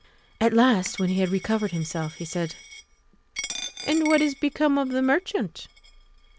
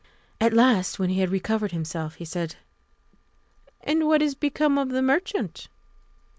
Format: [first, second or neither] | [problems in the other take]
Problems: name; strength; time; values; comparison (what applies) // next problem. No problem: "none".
second | background sound (Coin (dropping)); 14 dB below the speech